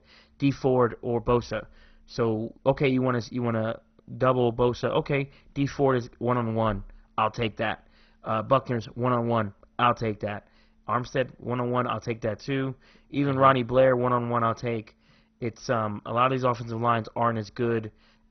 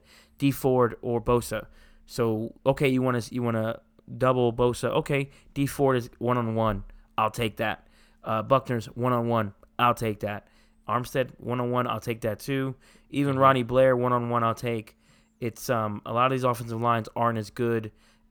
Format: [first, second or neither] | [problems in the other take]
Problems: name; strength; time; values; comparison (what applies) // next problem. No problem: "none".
second | garbled, watery; badly; nothing above 6 kHz